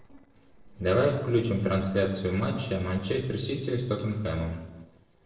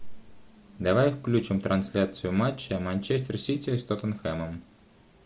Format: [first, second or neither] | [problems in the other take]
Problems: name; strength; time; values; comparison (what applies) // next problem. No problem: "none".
second | noise reduction (neural separator model SepFormer DNS4)